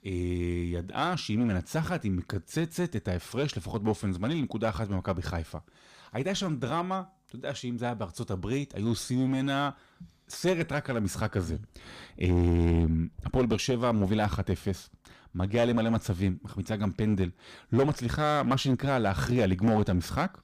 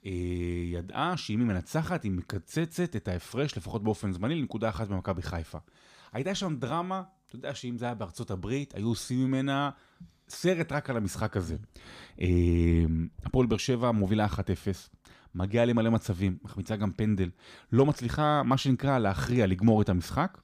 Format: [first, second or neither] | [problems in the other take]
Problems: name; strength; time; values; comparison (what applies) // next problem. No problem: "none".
second | distortion; slight; 6% of the sound clipped